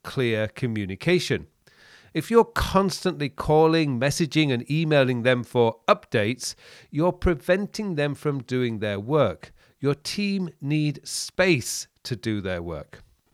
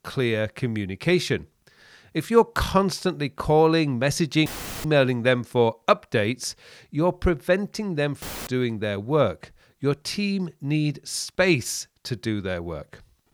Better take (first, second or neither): first